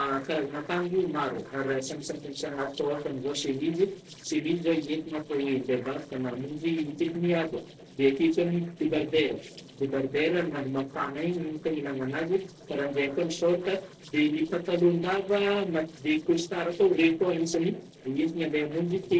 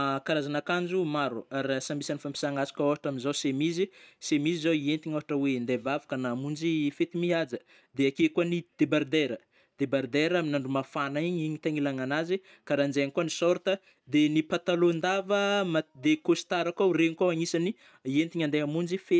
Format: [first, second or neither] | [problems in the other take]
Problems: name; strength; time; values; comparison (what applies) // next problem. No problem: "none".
second | noise reduction (neural separator model SepFormer DNS4)